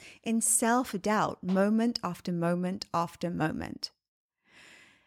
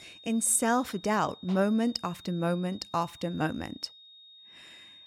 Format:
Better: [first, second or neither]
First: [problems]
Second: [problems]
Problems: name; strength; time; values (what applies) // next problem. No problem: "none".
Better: first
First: none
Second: high-pitched whine; faint; throughout; 3.5 kHz, 20 dB below the speech